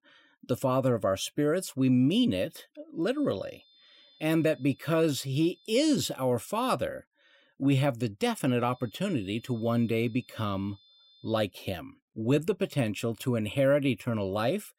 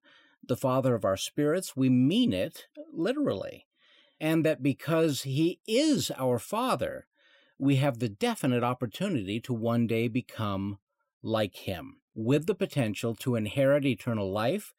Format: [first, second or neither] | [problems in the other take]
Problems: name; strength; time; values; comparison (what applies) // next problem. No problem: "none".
second | high-pitched whine; faint; from 3 to 6 s and from 8.5 to 11 s; 3.5 kHz, 30 dB below the speech